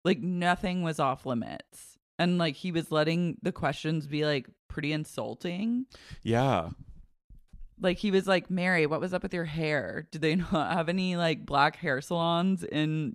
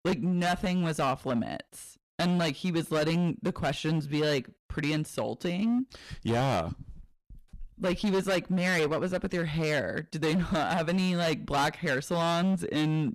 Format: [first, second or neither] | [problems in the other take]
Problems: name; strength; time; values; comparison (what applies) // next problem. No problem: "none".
first | distortion; heavy; 15% of the sound clipped